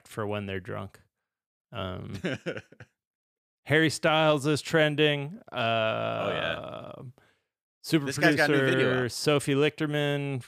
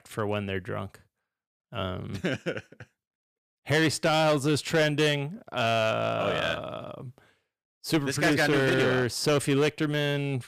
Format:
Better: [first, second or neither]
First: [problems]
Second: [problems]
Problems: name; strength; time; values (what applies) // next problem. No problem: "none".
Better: first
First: none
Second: distortion; slight; 8% of the sound clipped